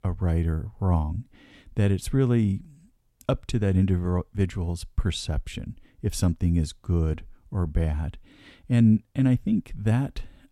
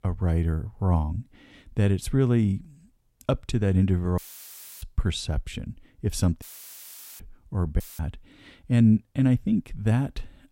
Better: first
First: none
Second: audio cutting out; filled with static; at 4 s for 0.5 s, at 6.5 s for 1 s and at 8 s

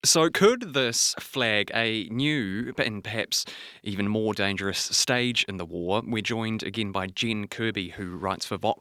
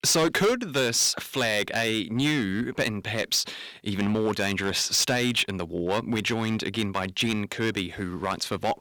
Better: first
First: none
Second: distortion; heavy; 7% of the sound clipped

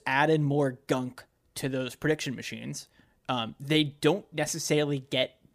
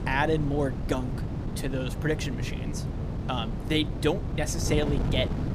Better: first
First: none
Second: wind noise on the microphone; heavy; 9 dB below the speech

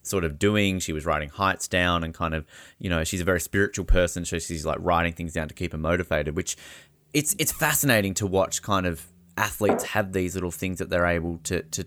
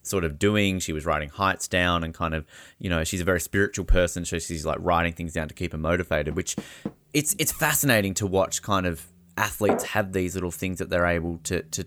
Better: first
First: none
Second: door banging; faint; at 6.5 s; peak 10 dB below the speech

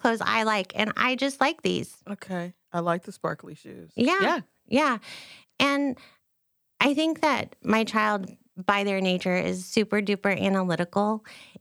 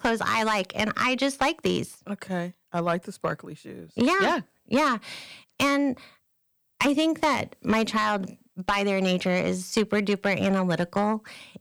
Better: first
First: none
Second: distortion; slight; 10 dB below the speech

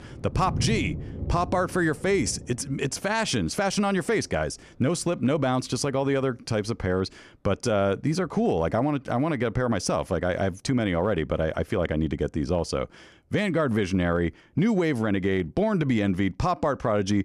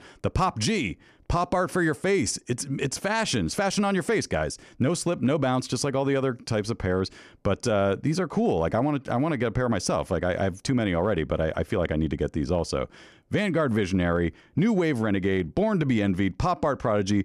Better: second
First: rain or running water; loud; throughout; 10 dB below the speech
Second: none

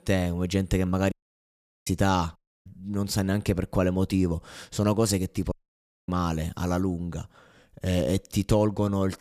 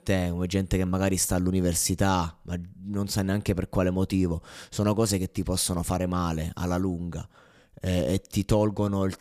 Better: second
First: audio cutting out; at 1 s for 0.5 s, at 2.5 s and at 5.5 s for 0.5 s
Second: none

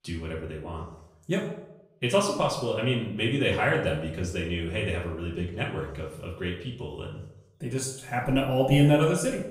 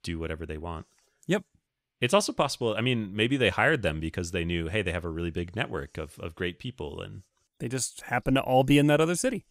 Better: second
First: off-mic speech; far // room echo; noticeable; dies away in 0.6 s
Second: none

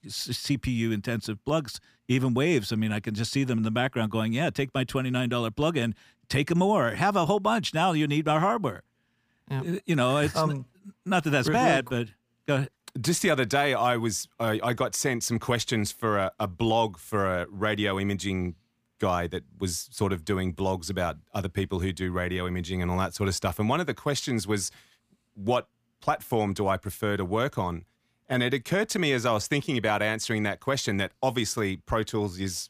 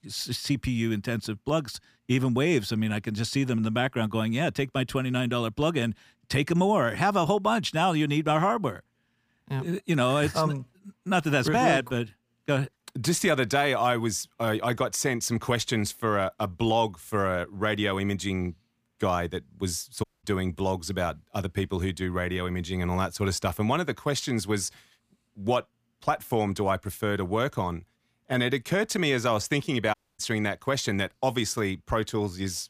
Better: first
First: none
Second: audio cutting out; at 20 s and at 30 s

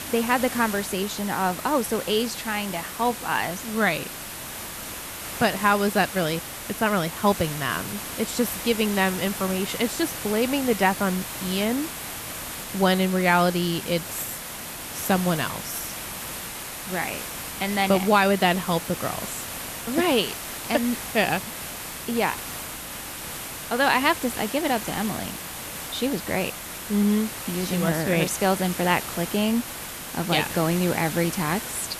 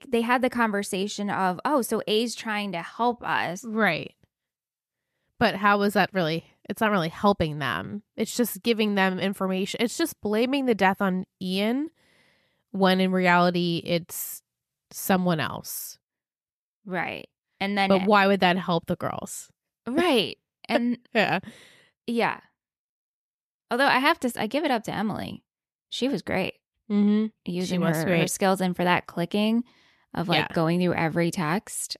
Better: second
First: hiss; loud; throughout; 8 dB below the speech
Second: none

